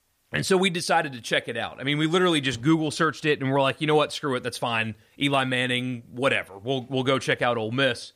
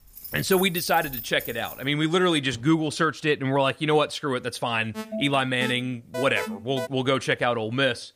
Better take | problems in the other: first | jangling keys; noticeable; until 2 s; peak 7 dB below the speech // alarm; noticeable; from 5 to 7 s; peak 8 dB below the speech

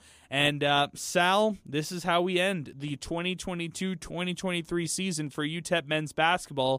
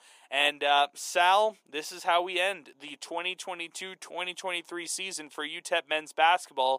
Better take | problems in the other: first | thin; very; fading below 450 Hz

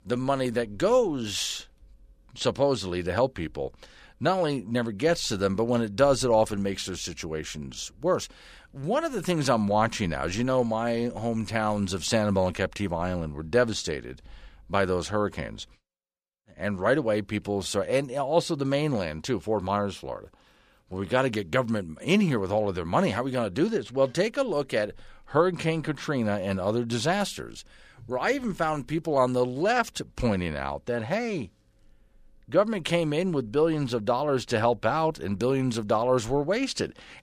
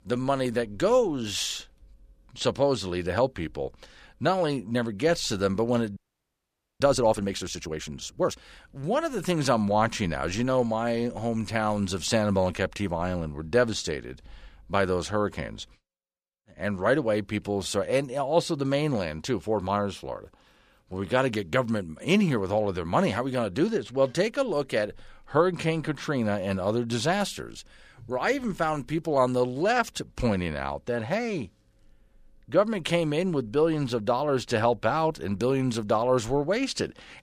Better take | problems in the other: first | audio freezing; at 6 s for 1 s

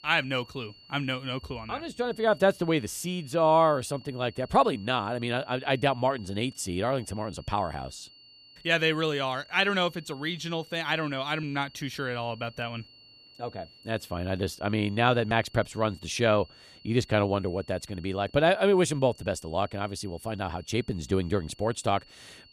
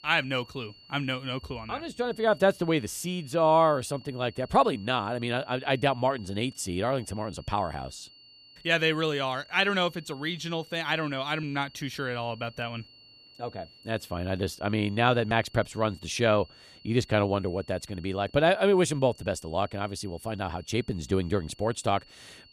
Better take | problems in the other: neither | high-pitched whine; faint; throughout; 4.5 kHz, 25 dB below the speech; the same in both

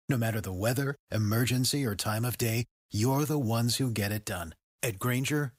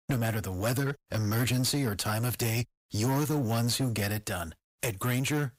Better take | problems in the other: first | distortion; slight; 15% of the sound clipped

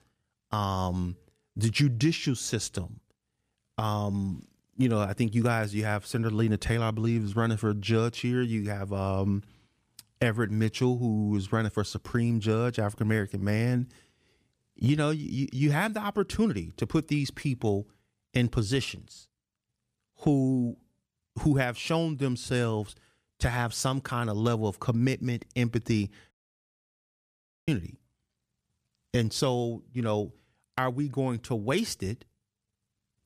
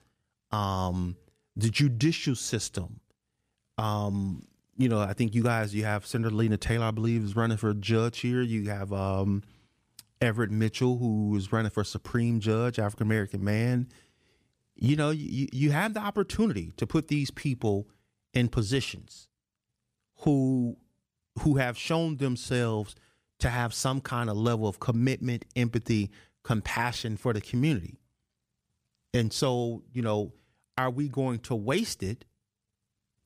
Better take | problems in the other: second | audio cutting out; at 26 s for 1.5 s

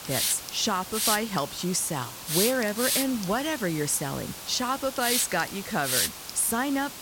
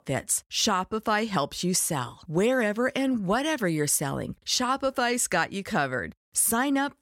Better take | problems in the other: second | hiss; loud; throughout; 2 dB below the speech

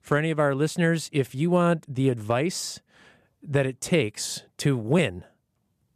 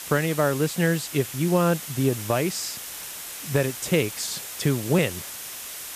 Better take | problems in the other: first | hiss; loud; throughout; 9 dB below the speech

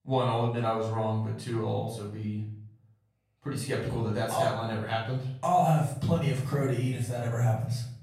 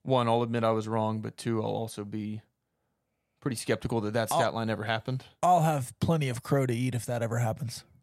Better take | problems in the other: second | off-mic speech; far // room echo; noticeable; dies away in 0.6 s

